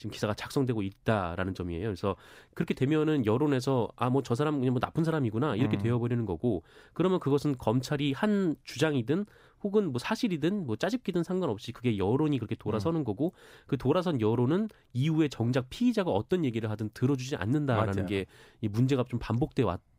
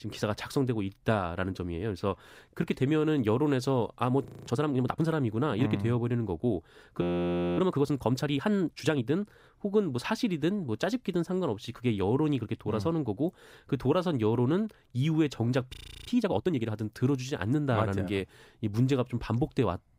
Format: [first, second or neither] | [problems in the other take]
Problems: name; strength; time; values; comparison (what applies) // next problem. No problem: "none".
first | audio freezing; at 4 s, at 7 s for 0.5 s and at 16 s